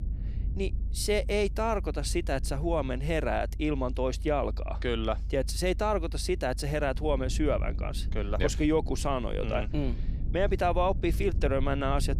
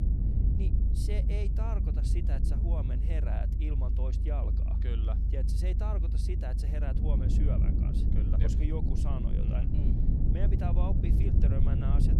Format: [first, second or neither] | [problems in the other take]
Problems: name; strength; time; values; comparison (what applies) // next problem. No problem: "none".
first | low rumble; loud; throughout; as loud as the speech; faint in the first